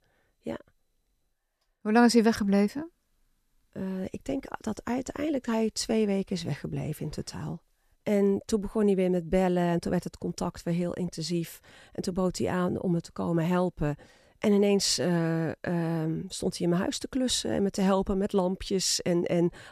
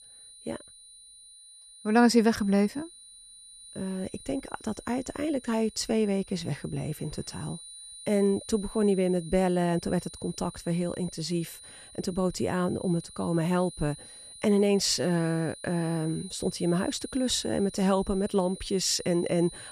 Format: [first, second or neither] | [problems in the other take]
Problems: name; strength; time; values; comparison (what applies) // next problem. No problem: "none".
first | high-pitched whine; noticeable; throughout; 9.5 kHz, 15 dB below the speech